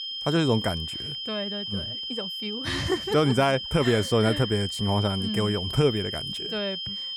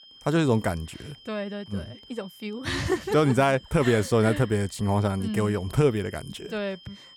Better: second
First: high-pitched whine; loud; throughout; 3 kHz, 5 dB below the speech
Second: high-pitched whine; faint; throughout; 3 kHz, 25 dB below the speech

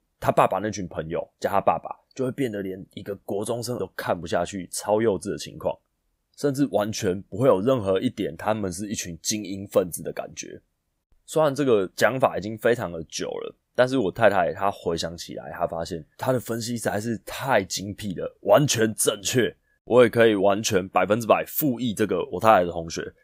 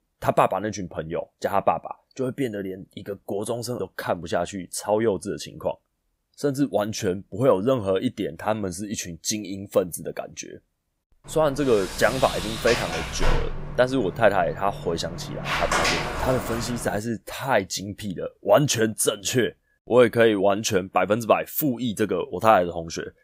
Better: first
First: none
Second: door banging; loud; from 12 to 17 s; peak 2 dB above the speech

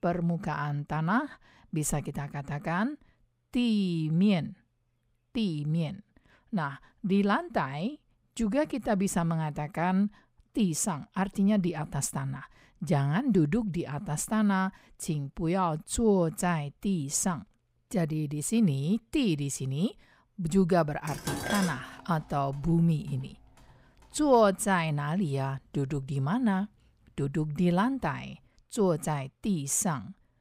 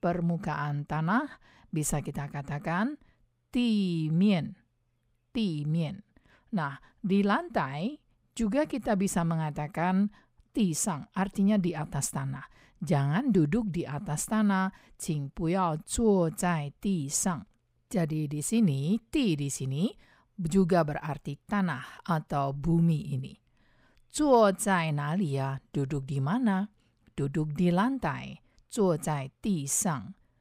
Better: second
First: clattering dishes; noticeable; at 21 s; peak 3 dB below the speech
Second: none

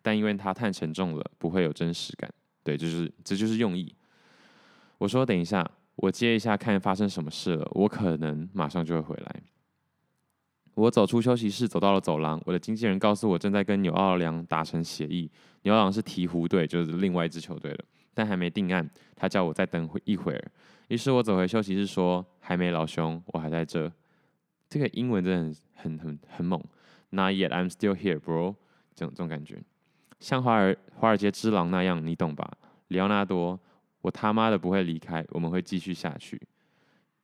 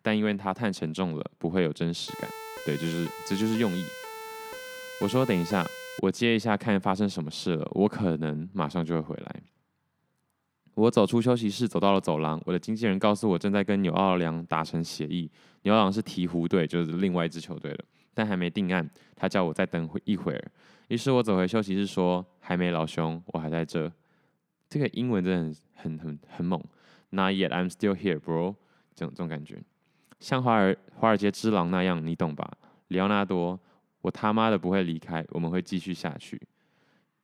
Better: first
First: none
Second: siren; faint; from 2 to 6 s; peak 10 dB below the speech

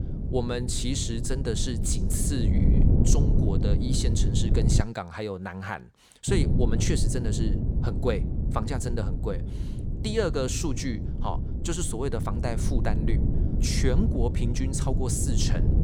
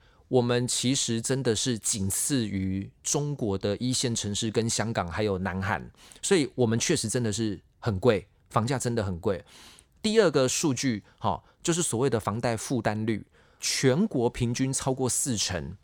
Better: second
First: wind noise on the microphone; heavy; until 5 s and from 6.5 s on; 6 dB below the speech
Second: none

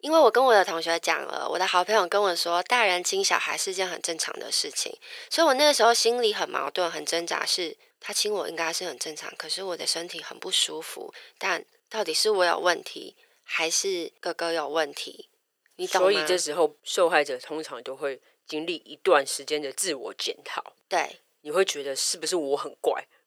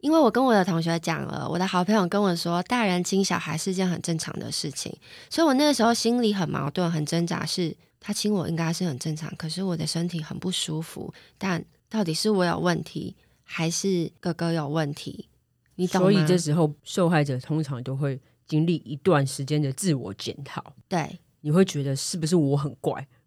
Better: second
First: thin; very; fading below 450 Hz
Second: none

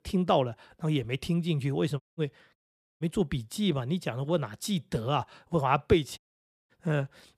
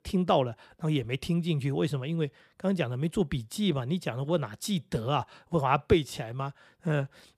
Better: second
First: audio cutting out; at 2 s, at 2.5 s and at 6 s for 0.5 s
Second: none

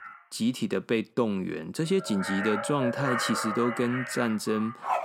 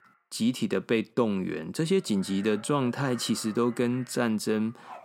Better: second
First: animal sounds; loud; throughout; 4 dB below the speech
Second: animal sounds; faint; throughout; 20 dB below the speech

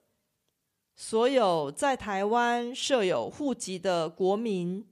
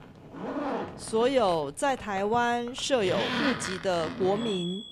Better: first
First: none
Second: household noises; loud; throughout; 6 dB below the speech

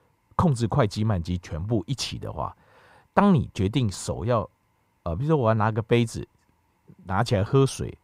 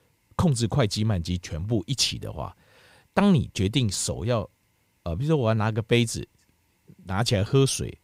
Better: second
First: muffled; slightly; fading above 2 kHz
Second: none

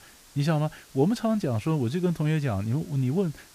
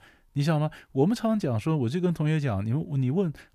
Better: second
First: hiss; faint; throughout; 25 dB below the speech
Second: none

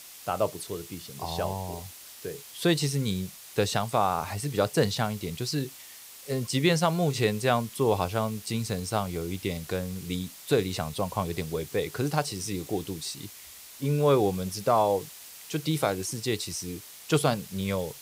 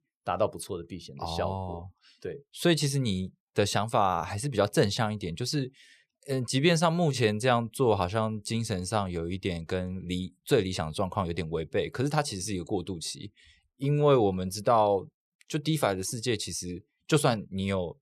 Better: second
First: hiss; noticeable; throughout; 15 dB below the speech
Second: none

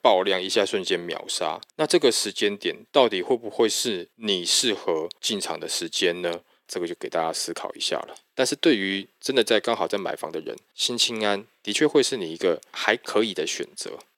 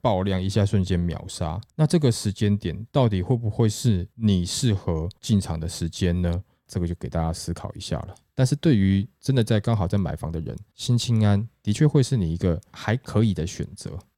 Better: second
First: thin; very; fading below 350 Hz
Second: none

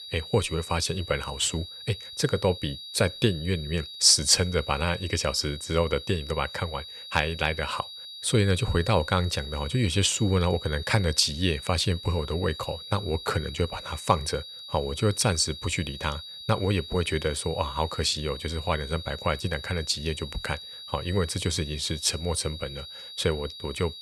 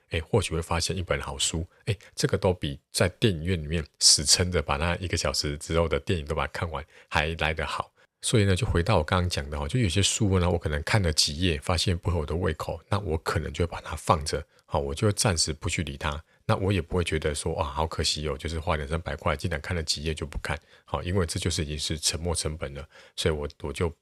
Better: second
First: high-pitched whine; noticeable; throughout; 4 kHz, 10 dB below the speech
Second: none

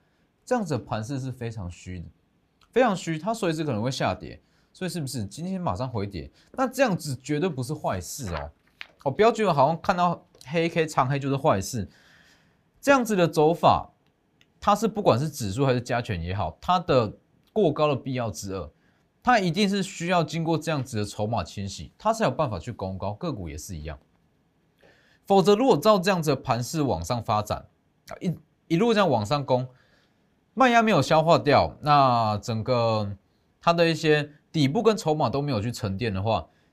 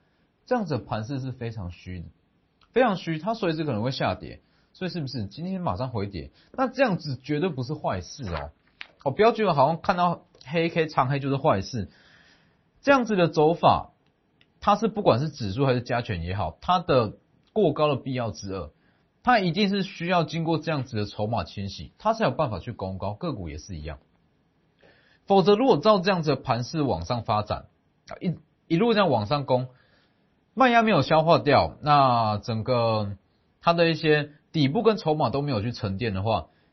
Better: first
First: none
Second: garbled, watery; slightly; nothing above 6 kHz

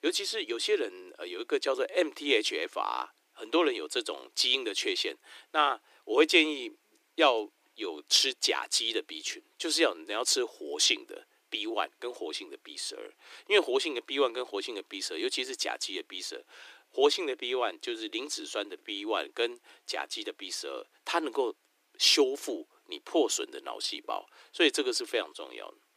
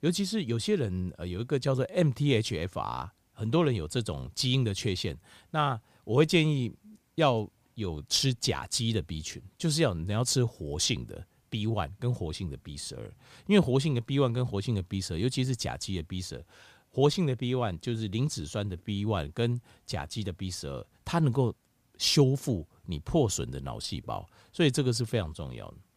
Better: second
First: thin; very; fading below 300 Hz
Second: none

